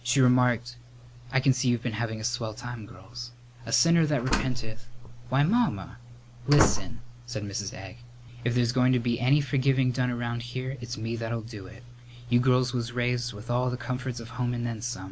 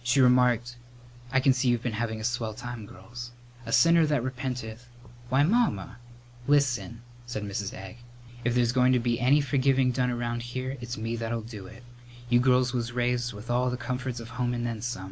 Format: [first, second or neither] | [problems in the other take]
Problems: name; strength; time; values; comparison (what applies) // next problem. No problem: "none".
second | background sound (Slam); as loud as the speech